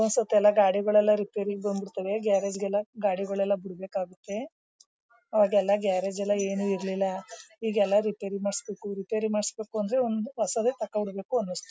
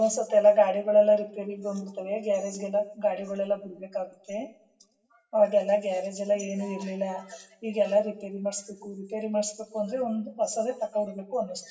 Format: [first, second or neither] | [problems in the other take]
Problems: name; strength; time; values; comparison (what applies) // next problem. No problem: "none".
first | room echo; dies away in 0.6 s